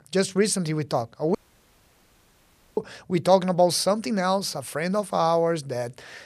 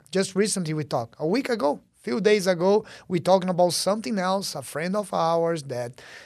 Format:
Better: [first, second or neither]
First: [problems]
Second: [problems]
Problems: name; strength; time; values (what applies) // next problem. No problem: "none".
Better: second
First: audio cutting out; at 1.5 s for 1.5 s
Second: none